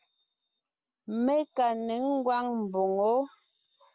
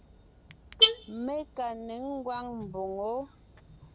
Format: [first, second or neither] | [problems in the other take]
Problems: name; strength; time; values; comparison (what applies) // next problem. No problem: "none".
first | background sound (Alarm / Car); 3 dB above the speech